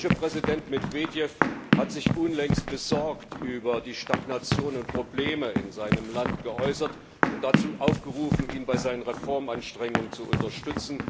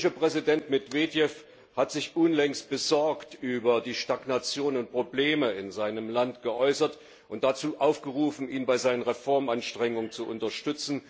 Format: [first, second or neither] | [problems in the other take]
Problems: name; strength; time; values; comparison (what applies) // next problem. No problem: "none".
second | background sound (Run); 1 dB above the speech